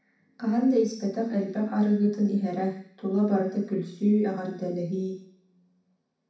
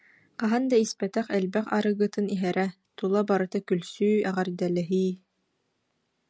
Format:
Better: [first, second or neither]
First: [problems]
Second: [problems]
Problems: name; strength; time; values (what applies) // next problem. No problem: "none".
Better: second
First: room echo; dies away in 0.6 s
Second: none